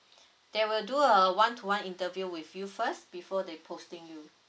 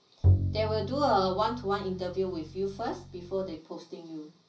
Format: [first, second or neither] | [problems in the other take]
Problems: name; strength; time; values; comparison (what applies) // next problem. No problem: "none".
first | background sound (Bowed string instrument); as loud as the speech // room echo; dies away in 0.5 s